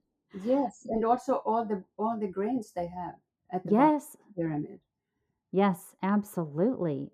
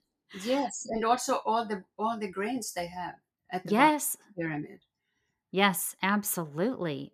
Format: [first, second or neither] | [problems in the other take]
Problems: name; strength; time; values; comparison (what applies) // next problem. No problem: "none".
second | muffled; very; fading above 1.5 kHz